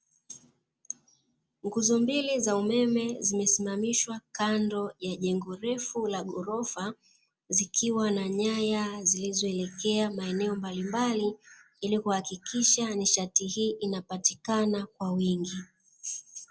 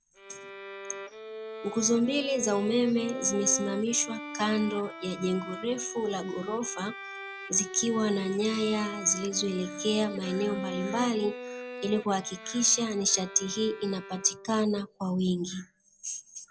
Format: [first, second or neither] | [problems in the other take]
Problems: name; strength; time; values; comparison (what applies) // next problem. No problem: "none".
first | background sound (Bowed string instrument); 11 dB below the speech